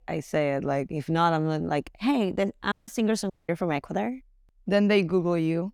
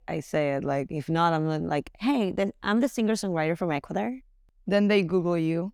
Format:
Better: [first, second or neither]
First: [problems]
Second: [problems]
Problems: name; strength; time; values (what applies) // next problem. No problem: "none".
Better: second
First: audio cutting out; at 2.5 s and at 3.5 s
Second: none